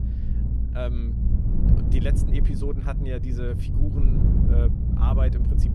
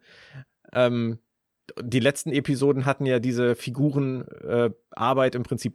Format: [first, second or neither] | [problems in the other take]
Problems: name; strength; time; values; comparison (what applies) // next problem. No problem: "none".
second | low rumble; loud; throughout; 1 dB below the speech